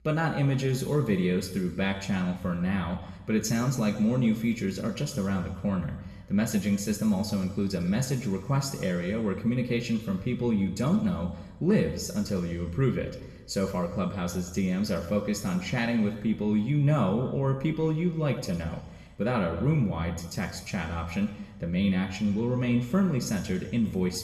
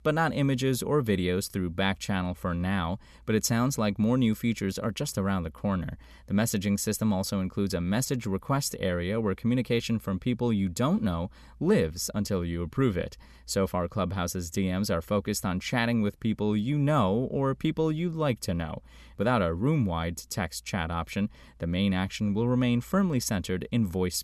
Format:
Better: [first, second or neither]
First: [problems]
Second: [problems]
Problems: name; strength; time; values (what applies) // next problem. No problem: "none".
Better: second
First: room echo; noticeable; dies away in 1 s // off-mic speech; somewhat distant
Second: none